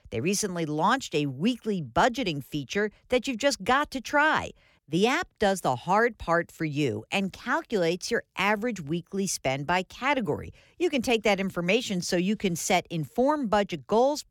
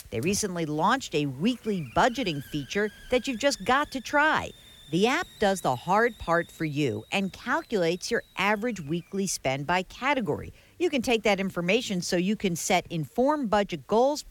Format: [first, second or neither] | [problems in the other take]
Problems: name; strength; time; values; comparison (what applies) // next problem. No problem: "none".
first | hiss; faint; throughout; 25 dB below the speech